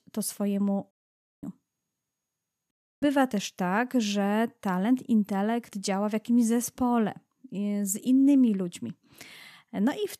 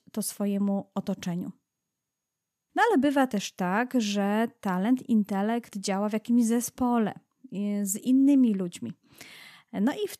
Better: second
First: audio cutting out; at 1 s for 0.5 s and at 2.5 s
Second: none

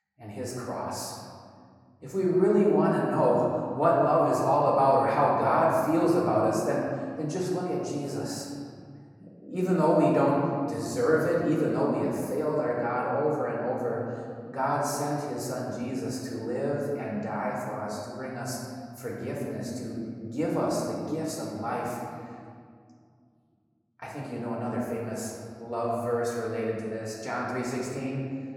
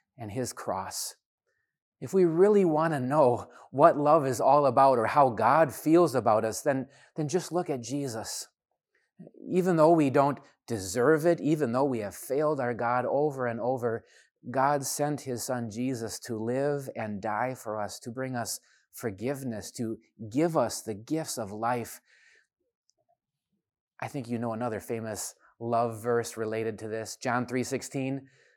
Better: second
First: off-mic speech; far // room echo; noticeable; dies away in 2 s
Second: none

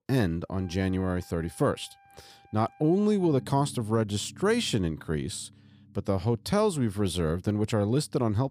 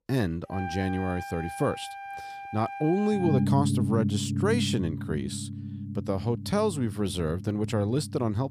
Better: first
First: background music; faint; throughout; 25 dB below the speech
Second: background music; loud; throughout; 4 dB below the speech

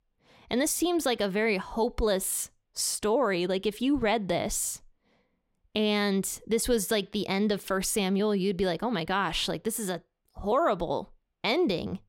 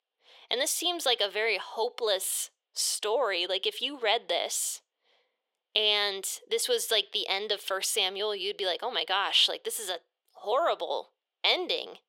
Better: first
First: none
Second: thin; very; fading below 450 Hz

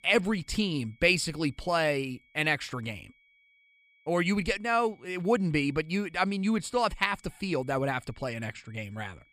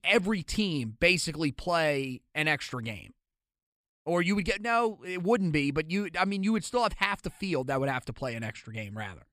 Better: second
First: high-pitched whine; faint; throughout; 2.5 kHz, 35 dB below the speech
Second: none

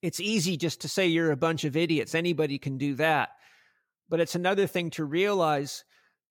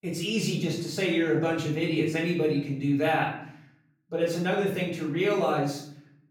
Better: first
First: none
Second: room echo; noticeable; dies away in 0.7 s // off-mic speech; far

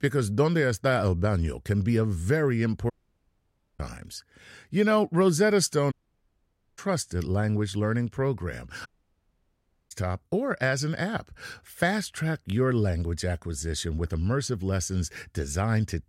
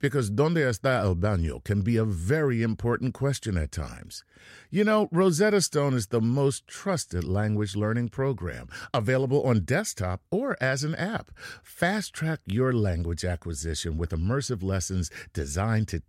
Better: second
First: audio cutting out; at 3 s for 1 s, at 6 s for 1 s and at 9 s for 1 s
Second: none

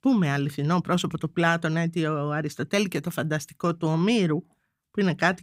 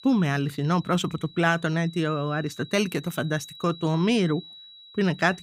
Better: first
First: none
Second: high-pitched whine; noticeable; throughout; 4 kHz, 20 dB below the speech

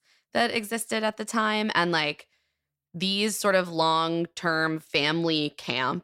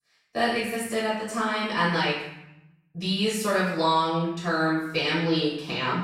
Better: first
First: none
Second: off-mic speech; far // room echo; noticeable; dies away in 0.8 s

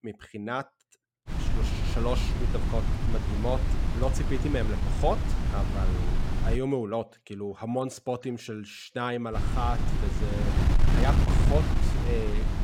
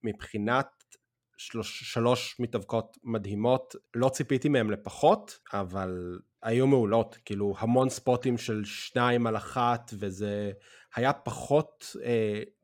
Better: second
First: wind noise on the microphone; heavy; from 1.5 to 6.5 s and from 9.5 s on; 4 dB below the speech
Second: none

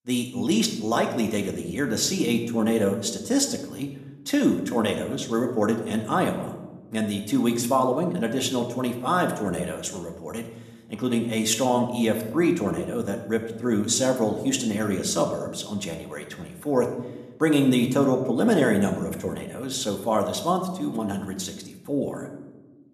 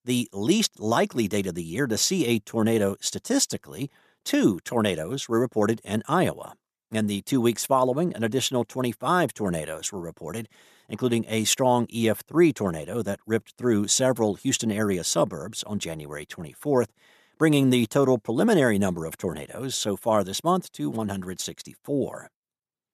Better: second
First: room echo; slight; dies away in 0.8 s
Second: none

